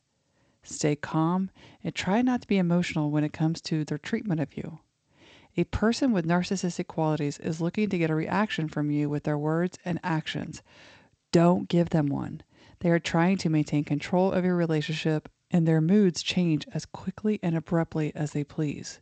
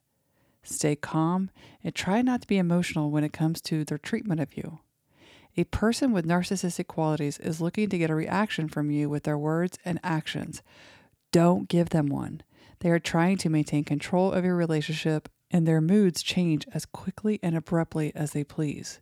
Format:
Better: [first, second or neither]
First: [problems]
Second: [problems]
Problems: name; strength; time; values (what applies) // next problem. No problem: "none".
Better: second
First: garbled, watery; slightly; nothing above 8 kHz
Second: none